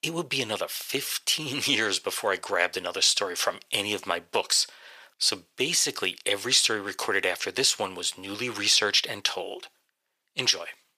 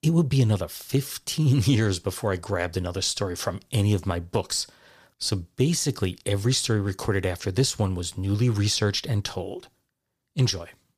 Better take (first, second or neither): second